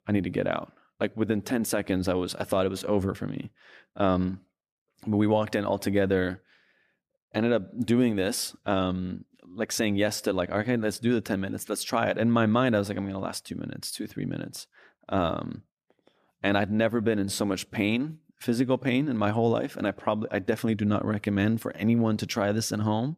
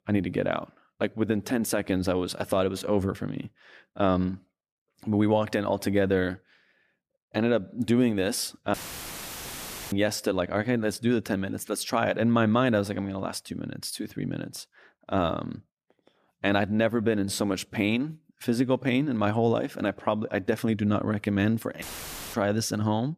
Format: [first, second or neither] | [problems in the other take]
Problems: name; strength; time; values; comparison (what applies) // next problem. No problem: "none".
first | audio cutting out; filled with static; at 8.5 s for 1 s and at 22 s for 0.5 s